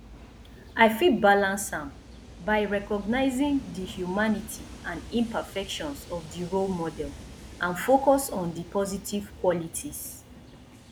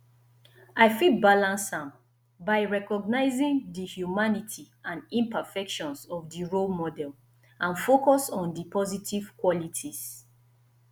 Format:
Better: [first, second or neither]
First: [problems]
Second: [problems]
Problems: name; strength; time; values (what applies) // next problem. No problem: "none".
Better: second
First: background sound (Train); 17 dB below the speech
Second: none